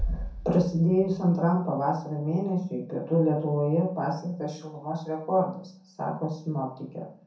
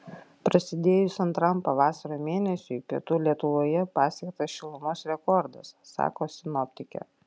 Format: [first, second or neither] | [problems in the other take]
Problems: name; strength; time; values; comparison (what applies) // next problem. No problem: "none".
second | background sound (Bass drum); 13 dB below the speech // room echo; dies away in 0.6 s